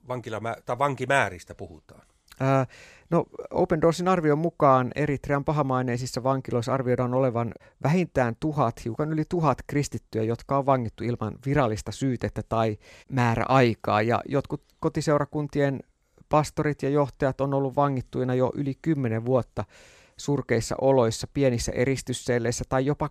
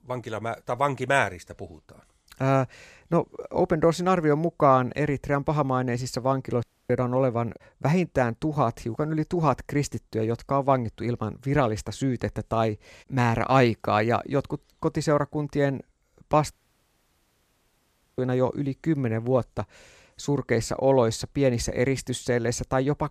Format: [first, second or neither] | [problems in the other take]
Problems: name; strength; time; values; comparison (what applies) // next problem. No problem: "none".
first | audio cutting out; at 6.5 s and at 17 s for 1.5 s